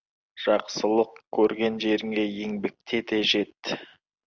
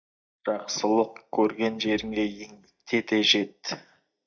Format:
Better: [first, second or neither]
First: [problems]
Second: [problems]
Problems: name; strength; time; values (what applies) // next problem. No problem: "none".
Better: first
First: none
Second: noise reduction (neural mask model DeepFilterNet 3)